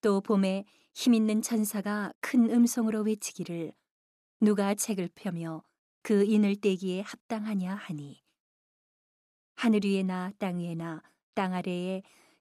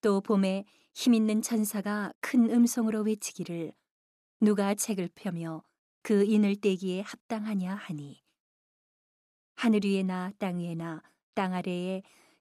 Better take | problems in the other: neither | none

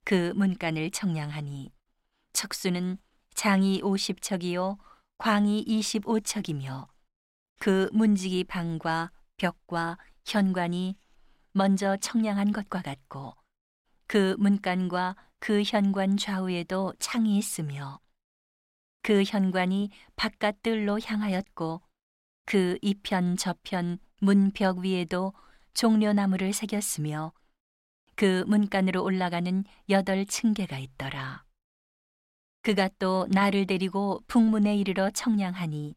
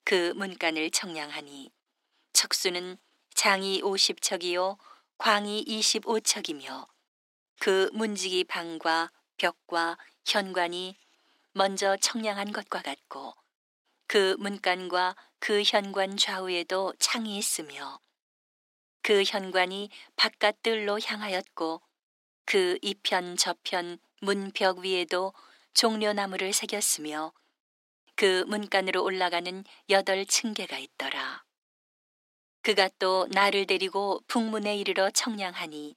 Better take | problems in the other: first | thin; somewhat; fading below 300 Hz

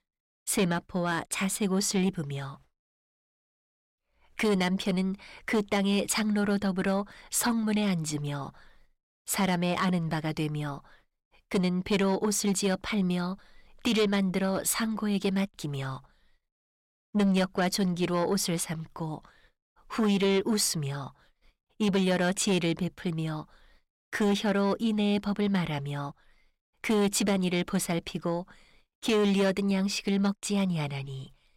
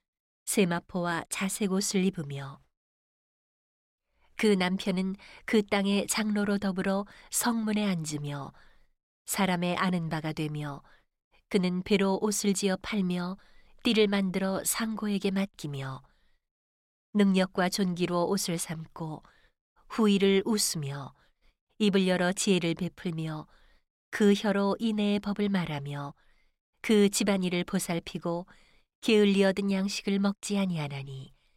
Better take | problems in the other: second | distortion; slight; 10 dB below the speech

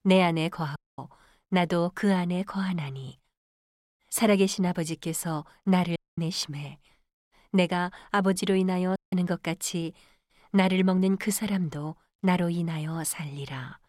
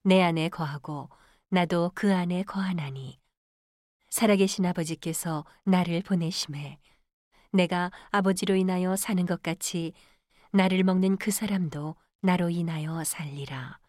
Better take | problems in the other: second | audio cutting out; at 1 s, at 6 s and at 9 s

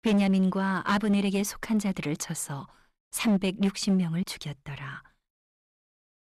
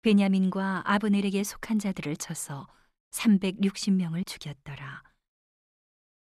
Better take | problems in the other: second | distortion; slight; 8% of the sound clipped

